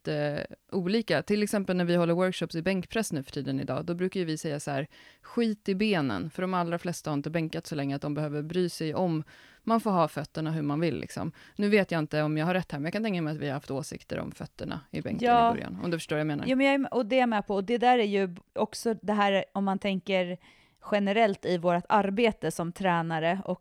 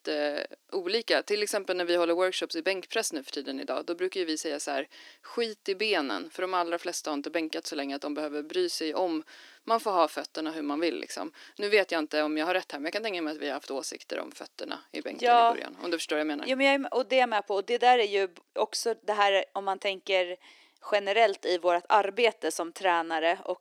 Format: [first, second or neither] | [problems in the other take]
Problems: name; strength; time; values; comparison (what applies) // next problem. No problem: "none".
first | thin; somewhat; fading below 300 Hz